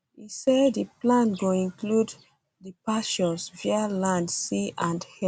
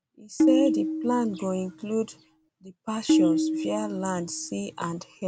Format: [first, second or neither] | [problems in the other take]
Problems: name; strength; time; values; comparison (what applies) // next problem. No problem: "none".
first | background sound (Tabla); 3 dB above the speech